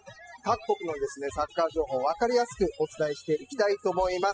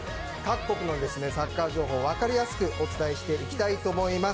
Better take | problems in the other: second | noise reduction (classical method spectral subtraction)

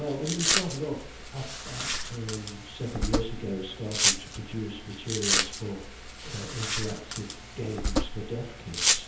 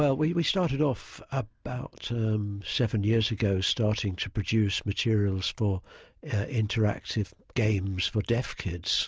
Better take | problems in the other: second | background sound (Domestic sounds, home sounds); 4 dB above the speech // room echo; dies away in 0.8 s

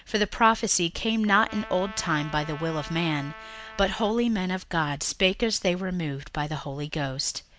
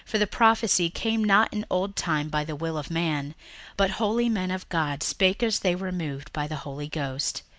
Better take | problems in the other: second | background sound (Trumpet); 16 dB below the speech

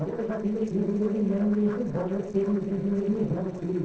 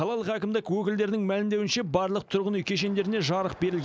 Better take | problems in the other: second | noise reduction (neural separator model SepFormer DNS4)

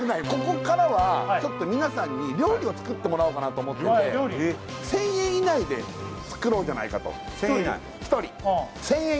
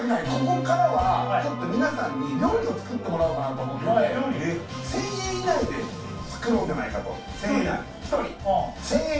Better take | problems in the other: first | room echo; dies away in 0.2 s

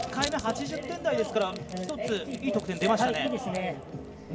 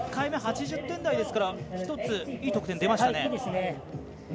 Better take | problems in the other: second | background sound (Crushing); 15 dB below the speech // room echo; dies away in 1.2 s

